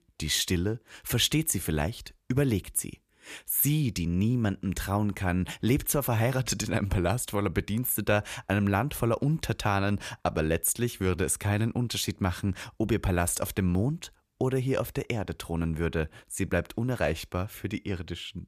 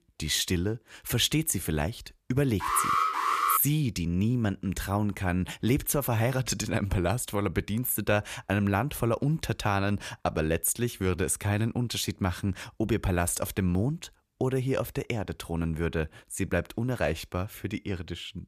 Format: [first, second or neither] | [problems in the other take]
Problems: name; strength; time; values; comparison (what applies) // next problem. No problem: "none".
first | alarm; loud; at 2.5 s; peak 4 dB above the speech